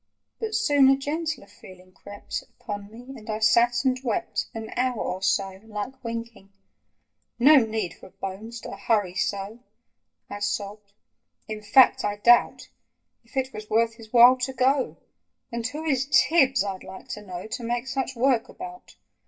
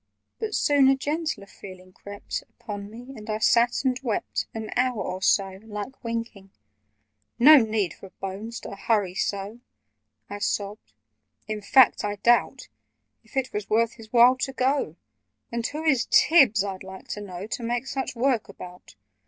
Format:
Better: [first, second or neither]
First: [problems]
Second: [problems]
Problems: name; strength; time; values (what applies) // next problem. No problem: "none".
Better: second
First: room echo; dies away in 0.2 s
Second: none